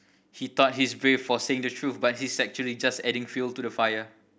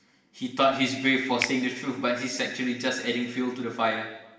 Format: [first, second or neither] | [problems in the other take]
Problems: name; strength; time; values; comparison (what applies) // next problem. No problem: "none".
first | background sound (Finger snapping); 12 dB below the speech // room echo; dies away in 1 s